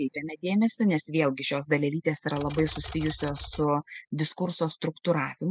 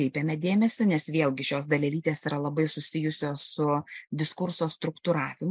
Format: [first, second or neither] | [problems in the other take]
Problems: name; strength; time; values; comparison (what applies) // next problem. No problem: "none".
second | noise reduction (classical method spectral subtraction)